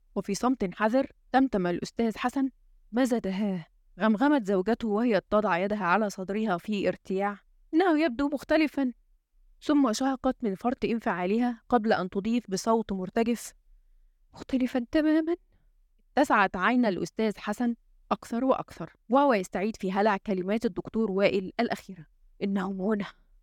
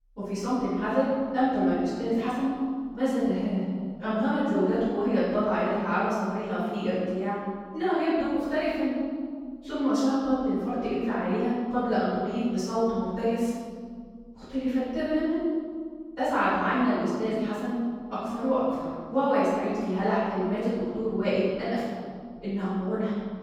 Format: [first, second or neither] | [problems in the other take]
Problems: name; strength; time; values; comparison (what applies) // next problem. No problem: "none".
first | off-mic speech; far // room echo; strong; dies away in 1.7 s